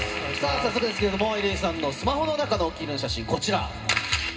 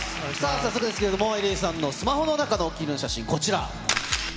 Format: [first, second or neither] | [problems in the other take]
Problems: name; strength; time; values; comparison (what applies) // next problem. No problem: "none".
second | background sound (Keyboard (musical)); 20 dB below the speech // room echo; dies away in 0.2 s